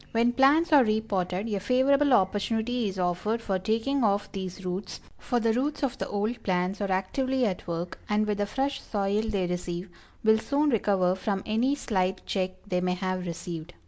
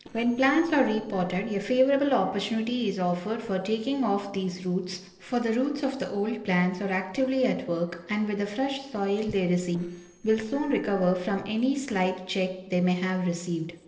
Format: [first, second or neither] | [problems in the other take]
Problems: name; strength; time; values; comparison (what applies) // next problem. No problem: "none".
first | noise reduction (neural separator model SepFormer DNS4)